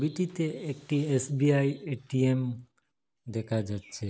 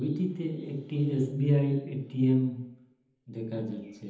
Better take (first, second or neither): first